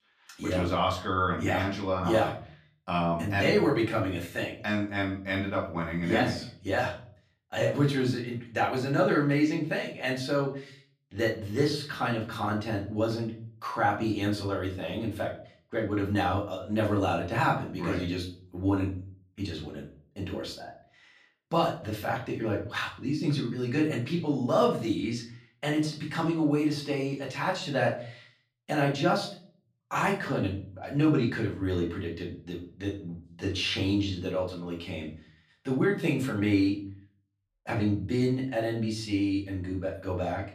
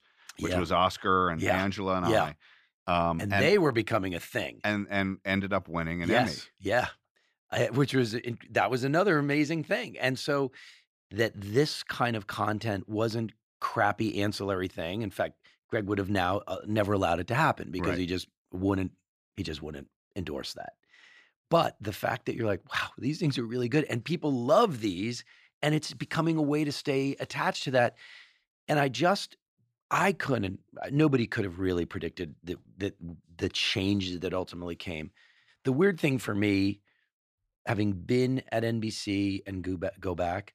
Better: second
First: off-mic speech; far // room echo; slight; dies away in 0.4 s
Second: none

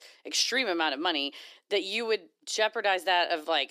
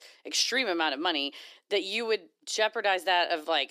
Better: neither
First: thin; somewhat; fading below 300 Hz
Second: thin; somewhat; fading below 300 Hz

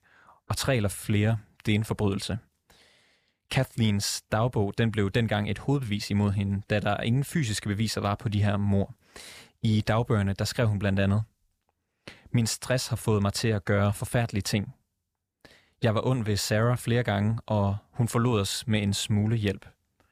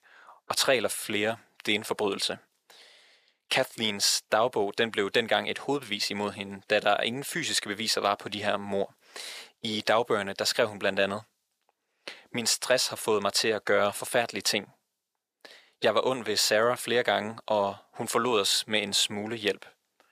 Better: first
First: none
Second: thin; very; fading below 450 Hz

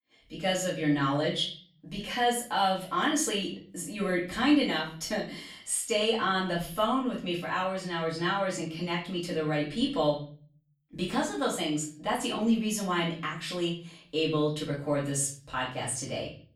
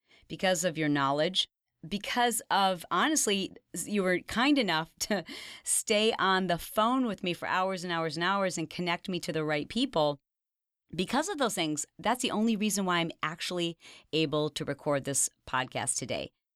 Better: second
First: off-mic speech; far // room echo; slight; dies away in 0.4 s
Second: none

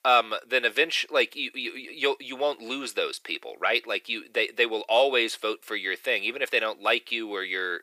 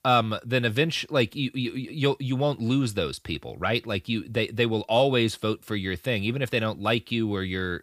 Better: second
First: thin; very; fading below 400 Hz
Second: none

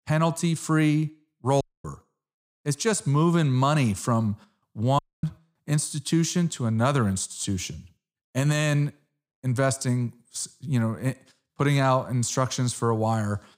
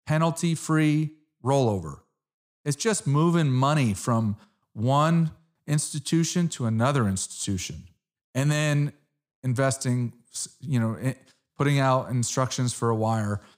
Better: second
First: audio cutting out; at 1.5 s and at 5 s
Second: none

